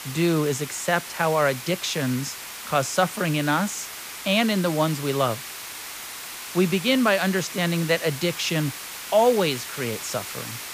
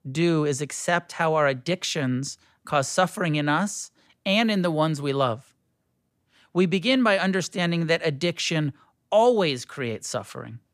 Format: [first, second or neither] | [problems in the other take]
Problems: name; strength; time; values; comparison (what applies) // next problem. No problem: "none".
second | hiss; loud; throughout; 10 dB below the speech